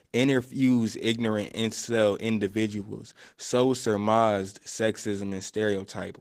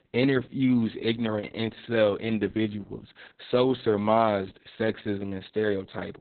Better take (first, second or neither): first